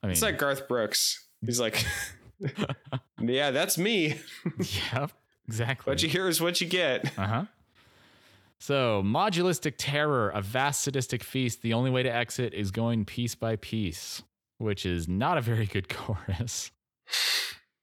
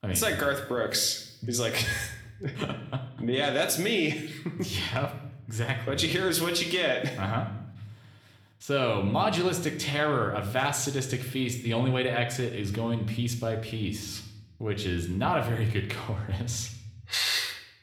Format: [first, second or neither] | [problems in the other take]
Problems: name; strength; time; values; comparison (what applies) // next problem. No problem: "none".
first | room echo; slight; dies away in 0.7 s